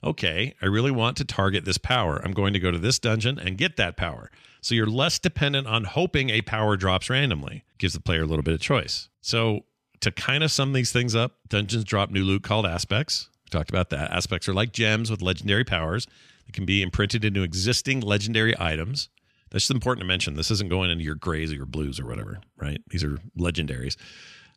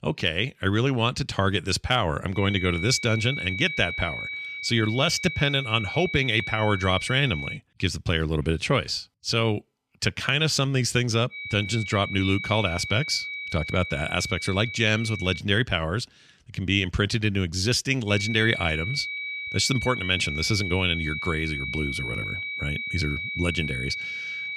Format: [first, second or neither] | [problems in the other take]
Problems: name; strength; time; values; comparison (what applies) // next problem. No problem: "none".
first | high-pitched whine; loud; from 2.5 to 7.5 s, from 11 to 15 s and from 18 s on; 2.5 kHz, 6 dB below the speech